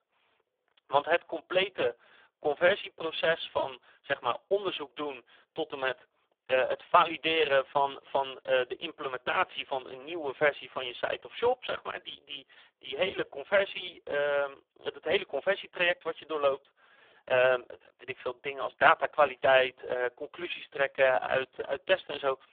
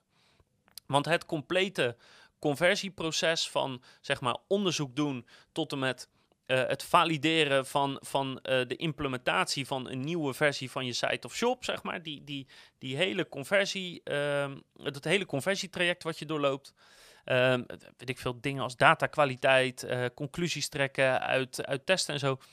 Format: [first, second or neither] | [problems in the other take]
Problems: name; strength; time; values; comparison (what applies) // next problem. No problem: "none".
second | phone-call audio; poor line